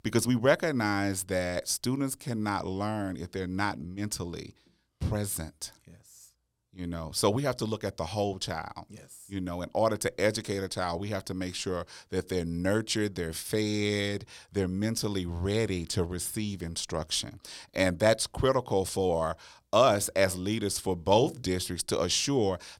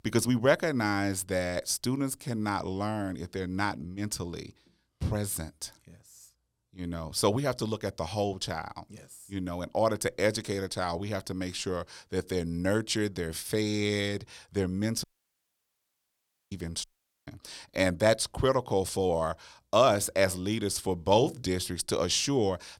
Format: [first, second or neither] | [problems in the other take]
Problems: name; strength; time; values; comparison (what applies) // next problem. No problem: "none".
first | audio cutting out; at 15 s for 1.5 s and at 17 s